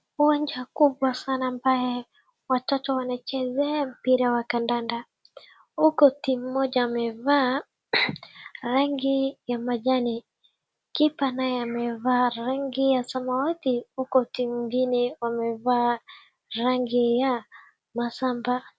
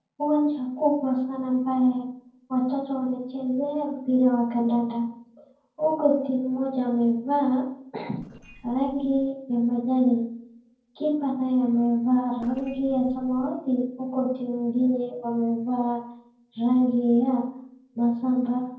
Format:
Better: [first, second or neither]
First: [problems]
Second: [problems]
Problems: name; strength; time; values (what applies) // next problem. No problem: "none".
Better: first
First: none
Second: noise reduction (neural separator model SepFormer DNS4)